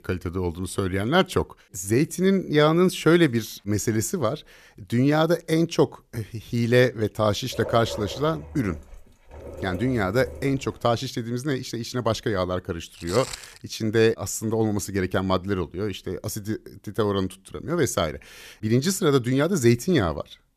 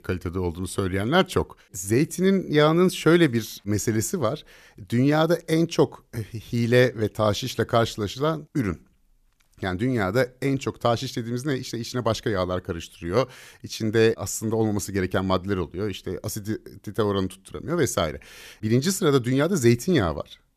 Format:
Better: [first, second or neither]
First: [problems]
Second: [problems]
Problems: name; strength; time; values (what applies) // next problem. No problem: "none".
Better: second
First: dog barking; noticeable; from 7.5 to 11 s; peak 10 dB below the speech // footsteps; noticeable; at 13 s; peak 10 dB below the speech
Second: none